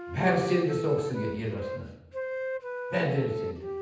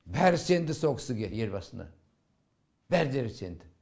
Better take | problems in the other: second | background sound (Wind instrument, woodwind instrument); 5 dB below the speech // room echo; dies away in 0.9 s

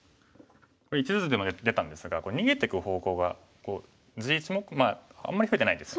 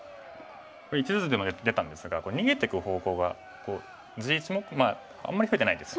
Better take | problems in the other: first | background sound (Crowd); 18 dB below the speech

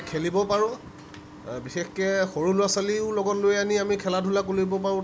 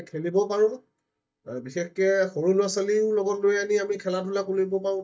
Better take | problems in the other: first | noise reduction (neural mask model DeepFilterNet 3)

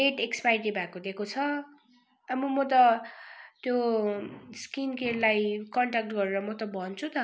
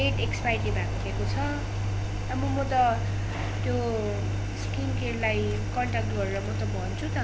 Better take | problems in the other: first | background sound (Engine); 3 dB above the speech

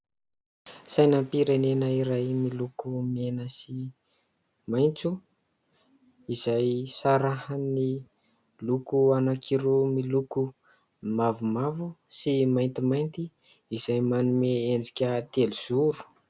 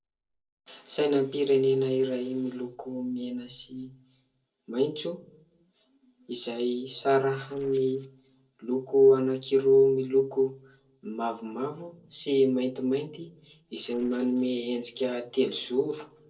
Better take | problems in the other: first | noise reduction (neural separator model SepFormer DNS4)

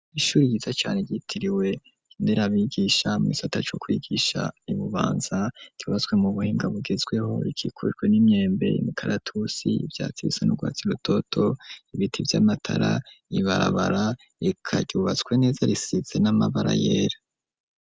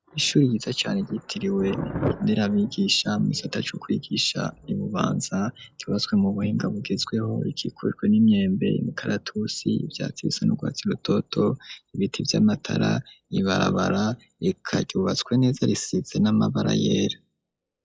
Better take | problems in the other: first | noise reduction (classical method log-MMSE)

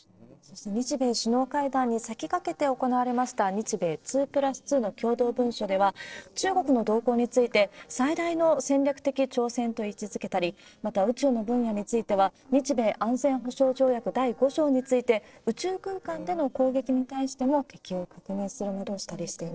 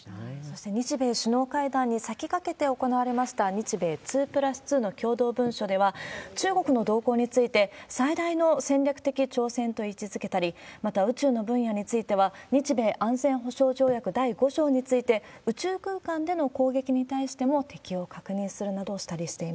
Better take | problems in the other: second | noise reduction (neural separator model SepFormer DNS4)

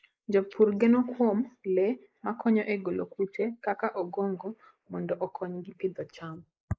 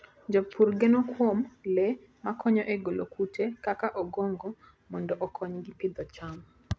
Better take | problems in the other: second | noise reduction (neural mask model Resemble Enhance denoiser)

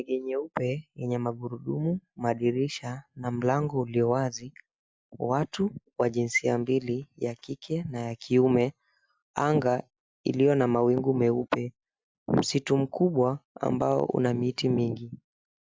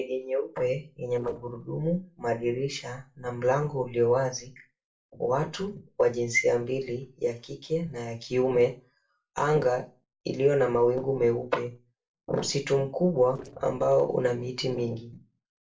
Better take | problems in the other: first | noise reduction (neural separator model SepFormer DNS4)

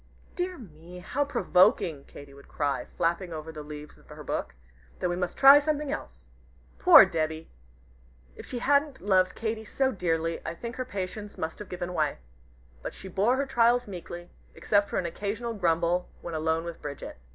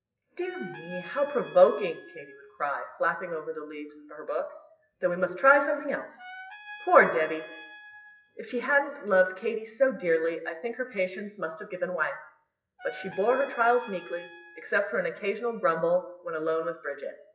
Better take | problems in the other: first | noise reduction (classical method WPE with log-MMSE)

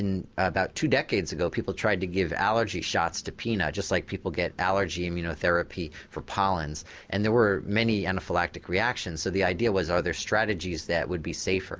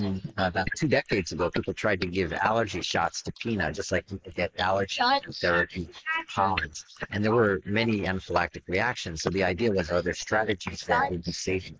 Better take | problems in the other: first | noise reduction (neural mask model Resemble Enhance denoiser)

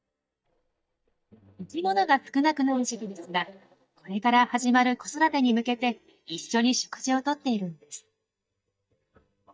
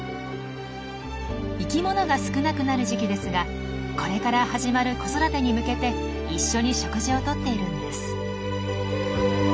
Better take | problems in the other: second | noise reduction (neural mask model DeepFilterNet 3)

